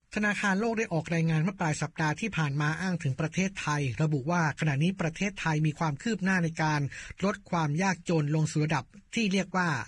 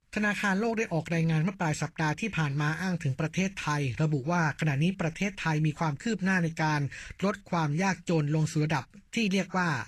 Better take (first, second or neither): second